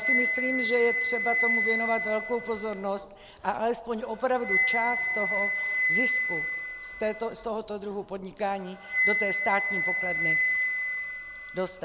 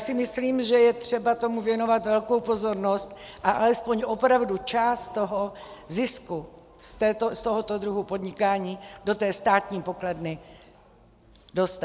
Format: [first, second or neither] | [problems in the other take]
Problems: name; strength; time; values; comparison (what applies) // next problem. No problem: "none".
second | background sound (Wind instrument, woodwind instrument); 2 dB above the speech